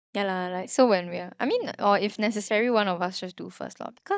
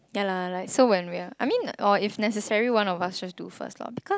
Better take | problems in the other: second | noise reduction (neural mask model DeepFilterNet 3)

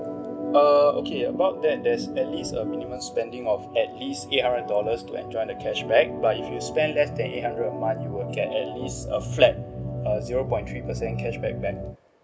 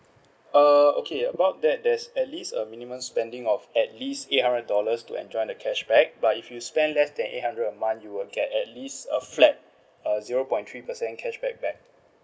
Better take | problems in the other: second | background sound (Organ); 7 dB below the speech

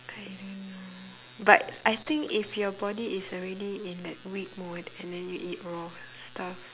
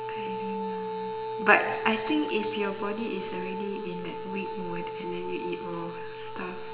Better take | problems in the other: first | background sound (Wind instrument, woodwind instrument); 4 dB below the speech // room echo; dies away in 1.6 s

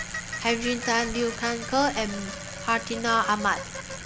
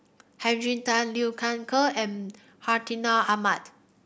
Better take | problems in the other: second | background sound (Bicycle); 8 dB below the speech

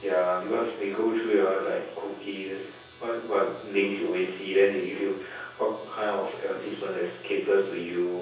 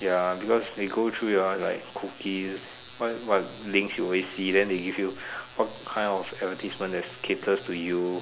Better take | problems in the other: second | room echo; dies away in 0.6 s

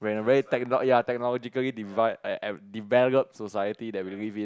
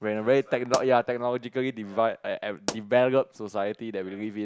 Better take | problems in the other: first | background sound (Explosion); 15 dB below the speech

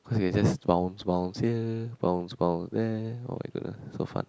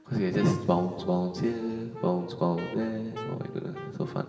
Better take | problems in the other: first | background sound (Wind instrument, woodwind instrument); 14 dB below the speech // room echo; dies away in 2.8 s

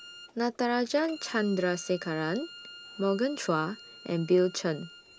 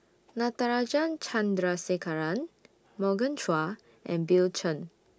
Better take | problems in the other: second | background sound (Bowed string instrument); 19 dB below the speech

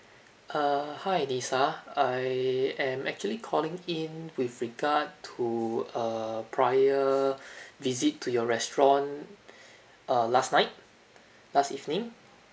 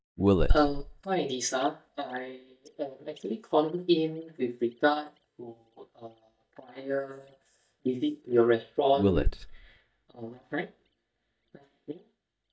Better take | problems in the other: first | noise reduction (neural mask model DeepFilterNet 3)

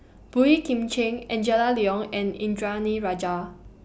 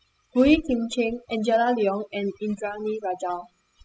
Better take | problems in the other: first | noise reduction (classical method spectral subtraction)

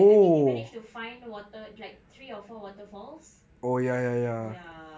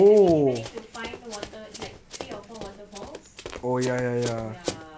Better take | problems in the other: first | background sound (Run); 14 dB below the speech

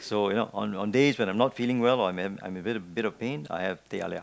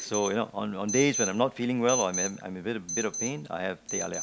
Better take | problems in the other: first | background sound (Alarm); 7 dB below the speech

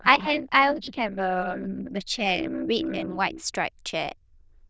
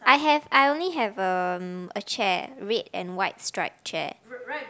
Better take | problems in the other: second | noise reduction (neural diffusion model UNIVERSE++)

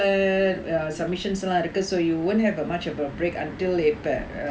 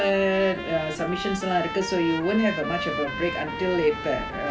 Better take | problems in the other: first | background sound (Trumpet); 8 dB below the speech

